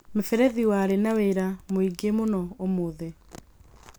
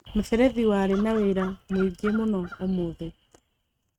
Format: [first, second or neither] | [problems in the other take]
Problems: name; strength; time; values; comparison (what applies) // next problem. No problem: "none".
first | noise reduction (neural mask model RNNoise)